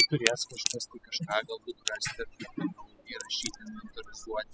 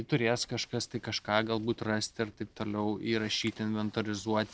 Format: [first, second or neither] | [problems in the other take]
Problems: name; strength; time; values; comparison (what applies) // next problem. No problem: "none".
second | noise reduction (classical method spectral subtraction)